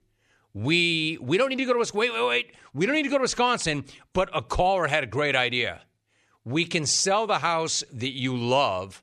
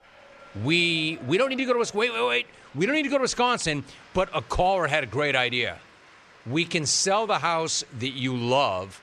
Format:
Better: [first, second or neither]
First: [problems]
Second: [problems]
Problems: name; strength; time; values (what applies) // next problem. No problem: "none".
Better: first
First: none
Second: crowd noise; faint; throughout; 25 dB below the speech